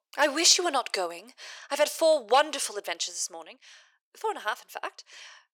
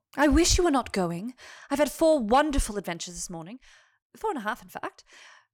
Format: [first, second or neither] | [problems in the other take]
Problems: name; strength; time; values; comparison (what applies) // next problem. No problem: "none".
second | thin; very; fading below 450 Hz